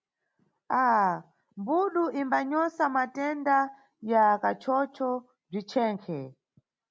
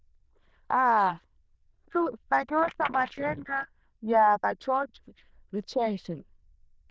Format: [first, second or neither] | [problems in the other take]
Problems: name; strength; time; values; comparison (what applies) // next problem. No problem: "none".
first | noise reduction (neural diffusion model UNIVERSE++)